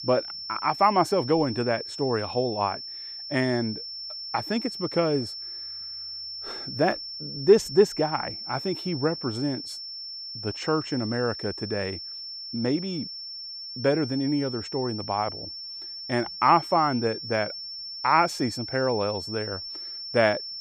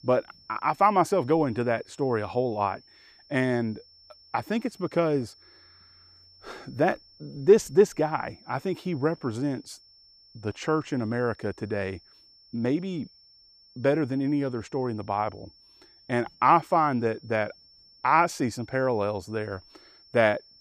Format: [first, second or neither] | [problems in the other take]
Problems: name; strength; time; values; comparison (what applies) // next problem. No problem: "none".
second | high-pitched whine; loud; throughout; 5.5 kHz, 8 dB below the speech; faint in the second